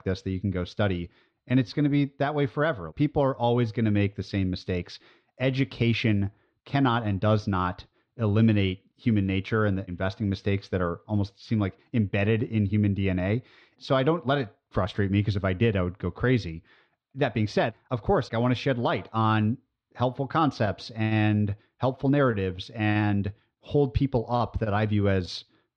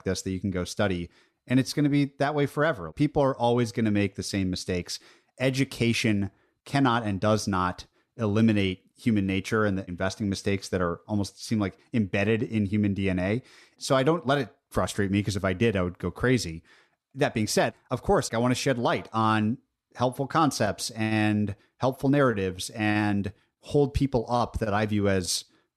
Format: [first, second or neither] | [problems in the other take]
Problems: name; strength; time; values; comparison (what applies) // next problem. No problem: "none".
second | muffled; slightly; fading above 4 kHz